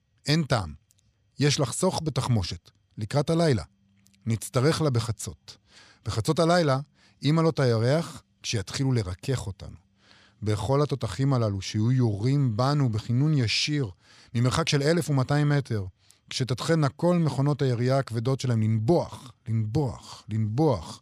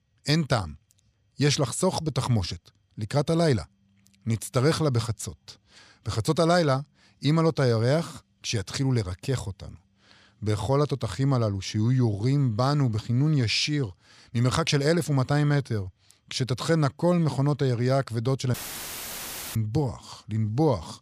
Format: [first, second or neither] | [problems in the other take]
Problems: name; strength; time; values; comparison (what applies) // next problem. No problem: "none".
first | audio cutting out; filled with static; at 19 s for 1 s